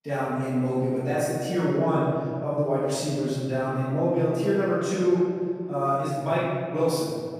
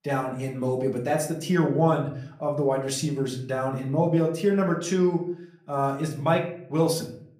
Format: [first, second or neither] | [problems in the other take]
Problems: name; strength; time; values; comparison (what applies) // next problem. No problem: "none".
second | room echo; strong; dies away in 2 s; slight in the second // off-mic speech; far; somewhat distant in the second